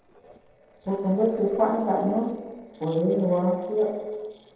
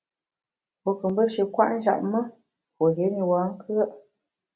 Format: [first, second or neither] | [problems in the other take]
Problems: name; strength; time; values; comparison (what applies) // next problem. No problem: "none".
second | noise reduction (neural separator model SepFormer DNS4)